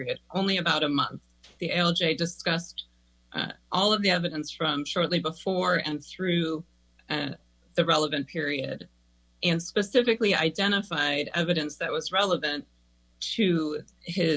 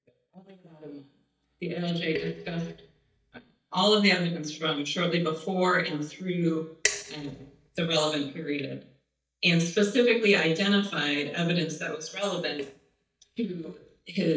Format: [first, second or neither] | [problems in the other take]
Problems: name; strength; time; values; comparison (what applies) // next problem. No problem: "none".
first | noise reduction (neural mask model DeepFilterNet 3)